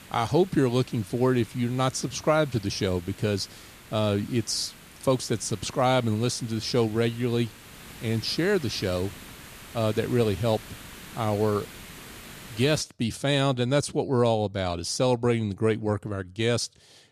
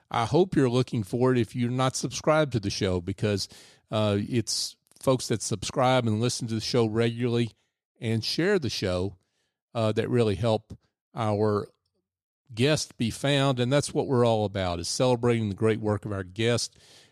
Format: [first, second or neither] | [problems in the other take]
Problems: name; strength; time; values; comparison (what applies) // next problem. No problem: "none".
second | hiss; noticeable; until 13 s; 20 dB below the speech